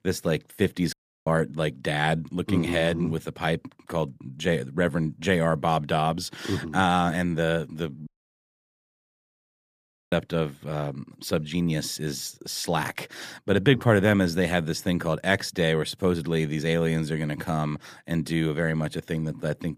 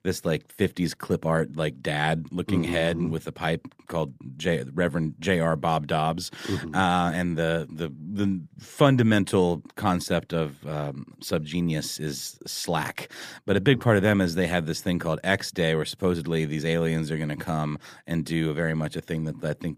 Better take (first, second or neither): second